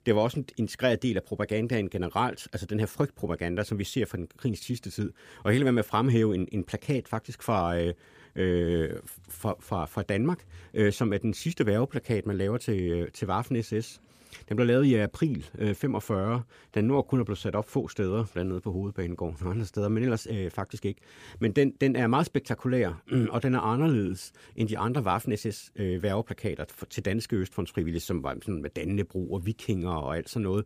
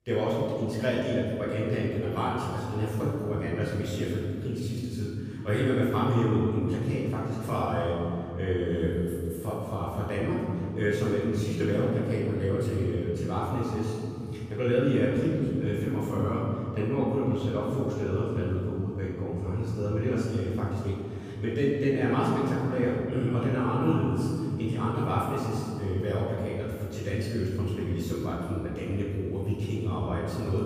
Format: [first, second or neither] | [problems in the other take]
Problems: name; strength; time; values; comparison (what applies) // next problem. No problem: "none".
first | room echo; strong; dies away in 2.7 s // off-mic speech; far